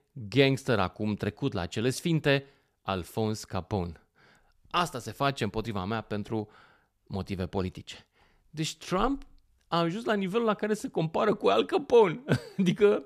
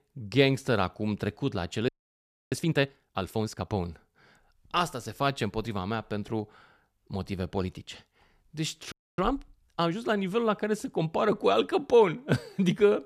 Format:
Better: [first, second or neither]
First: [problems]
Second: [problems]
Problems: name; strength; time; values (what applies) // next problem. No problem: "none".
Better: first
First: none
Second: audio freezing; at 2 s for 0.5 s and at 9 s